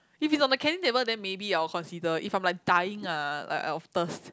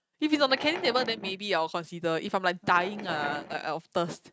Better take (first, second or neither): first